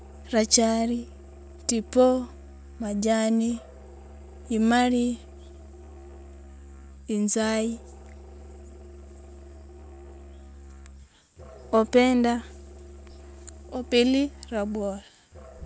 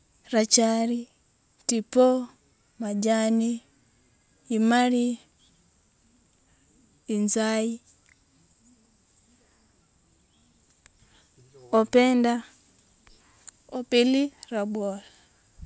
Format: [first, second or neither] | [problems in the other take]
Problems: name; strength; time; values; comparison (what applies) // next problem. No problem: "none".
second | background sound (Musical instrument); 18 dB below the speech